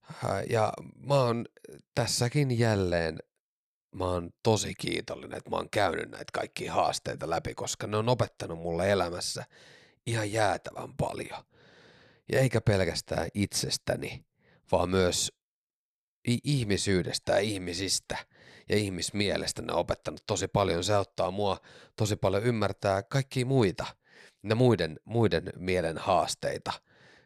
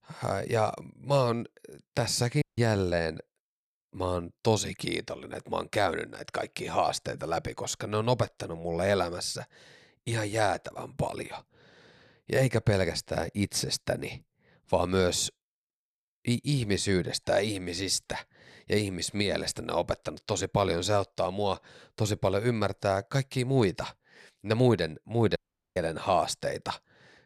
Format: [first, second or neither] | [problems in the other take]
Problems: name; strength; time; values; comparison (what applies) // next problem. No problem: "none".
first | audio cutting out; at 2.5 s and at 25 s